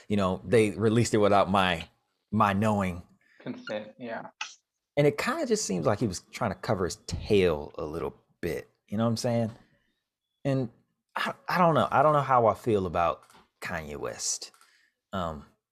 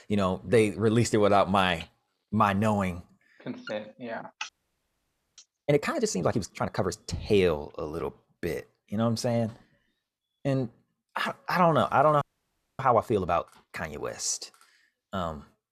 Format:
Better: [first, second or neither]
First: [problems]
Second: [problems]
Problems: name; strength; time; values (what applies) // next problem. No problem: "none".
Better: first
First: none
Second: audio freezing; at 4.5 s for 1 s and at 12 s for 0.5 s